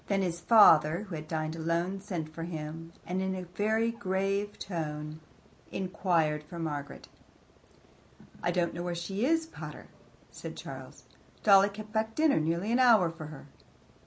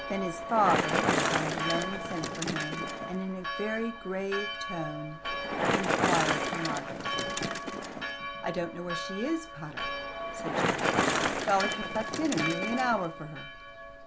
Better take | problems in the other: first | background sound (Bicycle + Church bell); 2 dB above the speech

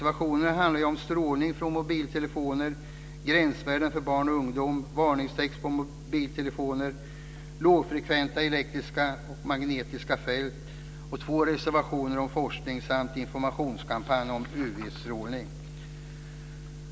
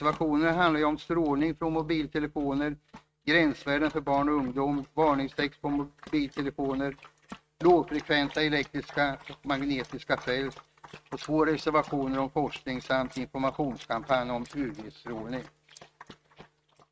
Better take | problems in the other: first | noise reduction (neural mask model RNNoise)

